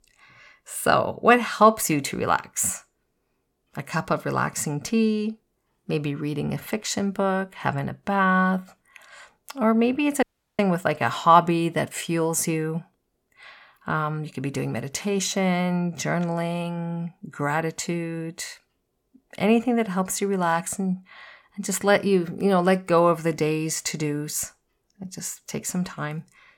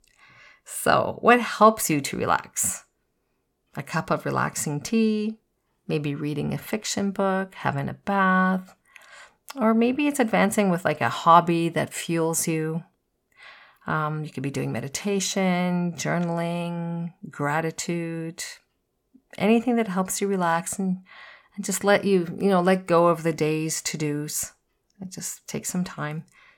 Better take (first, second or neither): second